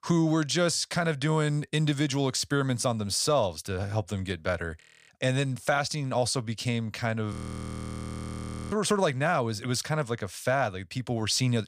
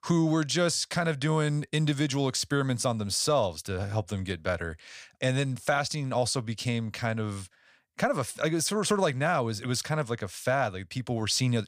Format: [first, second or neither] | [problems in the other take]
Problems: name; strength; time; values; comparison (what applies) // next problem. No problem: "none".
second | audio freezing; at 5 s and at 7.5 s for 1.5 s